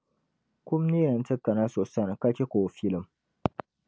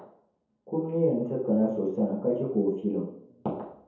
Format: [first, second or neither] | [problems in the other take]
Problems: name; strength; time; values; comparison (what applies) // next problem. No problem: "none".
first | room echo; dies away in 0.7 s